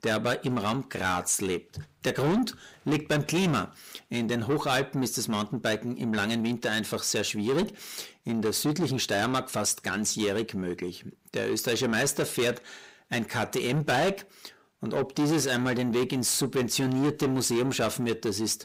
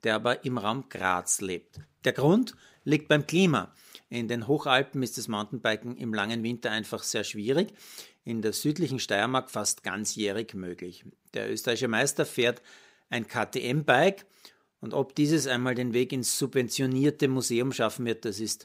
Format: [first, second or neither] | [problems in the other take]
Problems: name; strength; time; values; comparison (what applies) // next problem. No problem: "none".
second | distortion; heavy; 7 dB below the speech